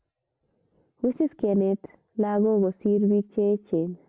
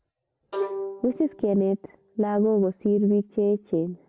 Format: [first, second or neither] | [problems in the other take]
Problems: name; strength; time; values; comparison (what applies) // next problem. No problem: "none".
first | background sound (Bowed string instrument); 12 dB below the speech